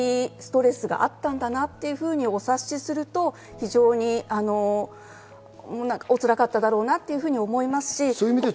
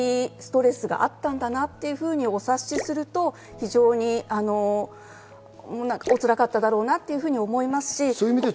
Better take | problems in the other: first | background sound (Drip / Splash, splatter); 16 dB below the speech

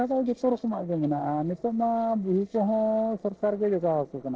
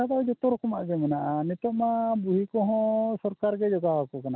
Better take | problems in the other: second | noise reduction (neural separator model SepFormer DNS4)

